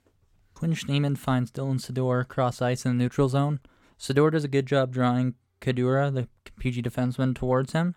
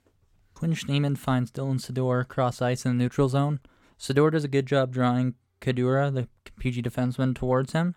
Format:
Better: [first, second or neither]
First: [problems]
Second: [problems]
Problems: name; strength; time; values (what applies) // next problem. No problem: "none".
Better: neither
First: none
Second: none